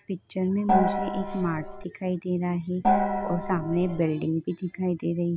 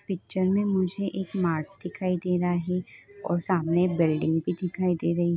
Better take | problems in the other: second | background sound (Gong); 1 dB above the speech

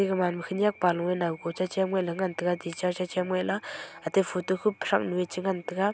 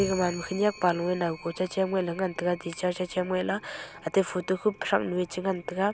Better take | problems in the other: first | background sound (Clock); 20 dB below the speech

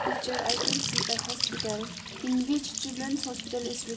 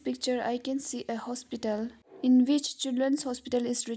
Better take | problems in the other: second | background sound (Trickle, dribble / Bathtub (filling or washing) / Sink (filling or washing) / Gurgling / Splash, splatter); as loud as the speech // room echo; dies away in 1.9 s

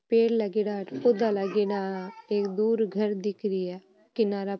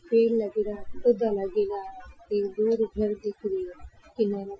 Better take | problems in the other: first | noise reduction (classical method Wiener filter)

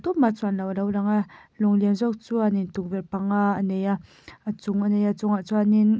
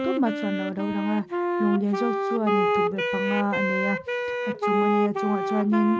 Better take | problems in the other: first | background sound (Wind instrument, woodwind instrument); as loud as the speech

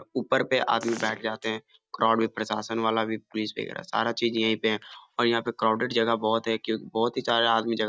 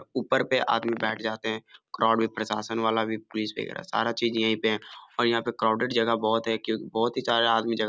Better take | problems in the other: second | noise reduction (neural mask model DeepFilterNet 3)

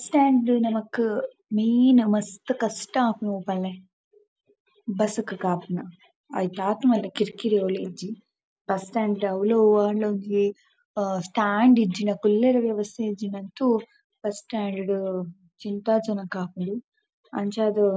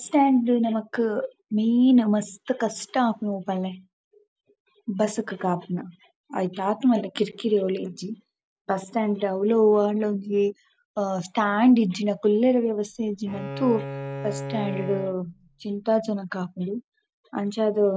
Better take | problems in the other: first | background sound (Bowed string instrument); 10 dB below the speech

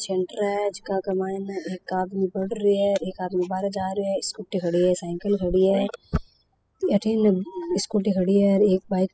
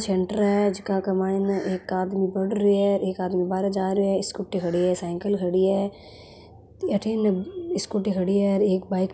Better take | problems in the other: second | noise reduction (classical method spectral subtraction)

